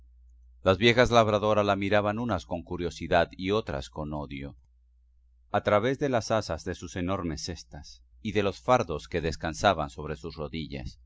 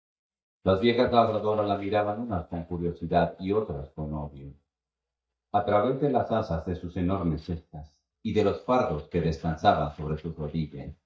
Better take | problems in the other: first | noise reduction (neural mask model DeepFilterNet 3)

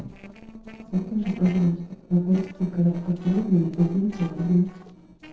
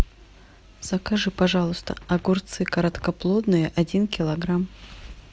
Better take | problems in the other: second | noise reduction (neural separator model SepFormer DNS4)

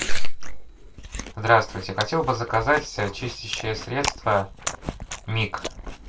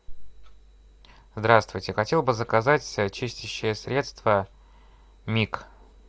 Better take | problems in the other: second | background sound (Chewing, mastication); 12 dB below the speech // room echo; dies away in 0.2 s

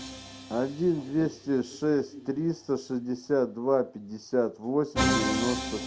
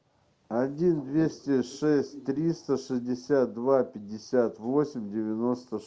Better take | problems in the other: second | background sound (Musical instrument); 6 dB below the speech

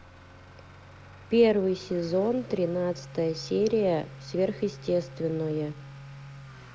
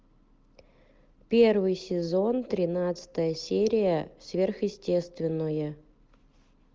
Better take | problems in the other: second | background sound (Accelerating, revving, vroom / Motor vehicle (road)); 17 dB below the speech

